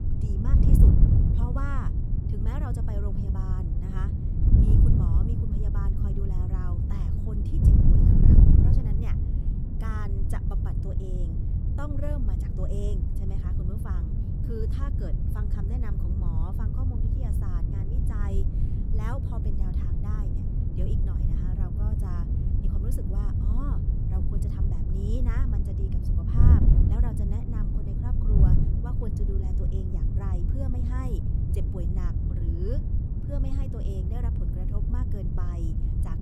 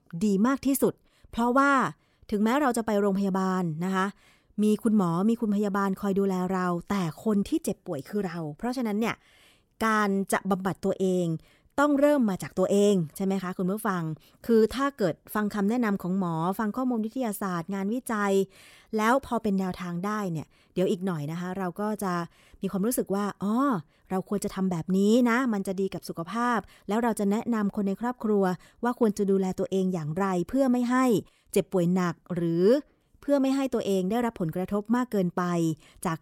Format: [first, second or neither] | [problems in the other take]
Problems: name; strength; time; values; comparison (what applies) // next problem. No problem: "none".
second | wind noise on the microphone; heavy; 3 dB above the speech